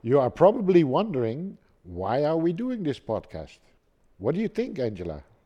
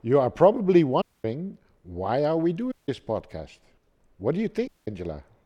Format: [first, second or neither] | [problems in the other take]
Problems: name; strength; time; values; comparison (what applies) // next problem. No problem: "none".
first | audio cutting out; at 1 s, at 2.5 s and at 4.5 s